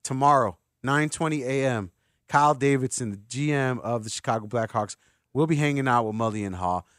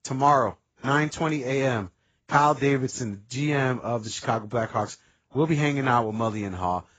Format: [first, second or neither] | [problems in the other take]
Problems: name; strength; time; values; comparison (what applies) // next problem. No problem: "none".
first | garbled, watery; badly; nothing above 7.5 kHz